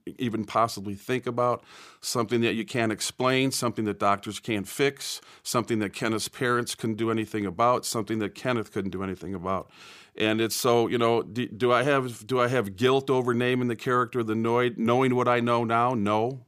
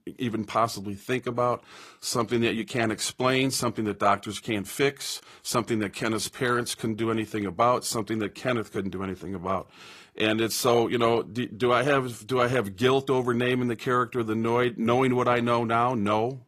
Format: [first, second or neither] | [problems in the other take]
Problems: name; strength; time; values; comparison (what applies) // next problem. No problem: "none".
first | garbled, watery; slightly; nothing above 14.5 kHz